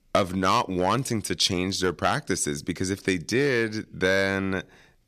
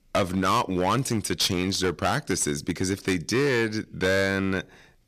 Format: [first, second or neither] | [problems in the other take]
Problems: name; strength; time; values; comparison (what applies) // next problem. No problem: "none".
first | distortion; slight; 10% of the sound clipped